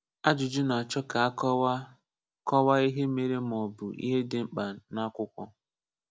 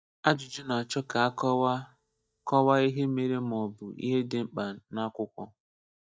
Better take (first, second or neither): first